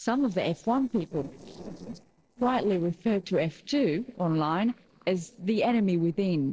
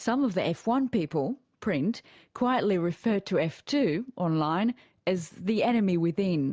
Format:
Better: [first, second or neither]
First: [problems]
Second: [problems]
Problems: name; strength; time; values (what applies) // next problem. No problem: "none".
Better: second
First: noise reduction (neural separator model SepFormer DNS4)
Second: none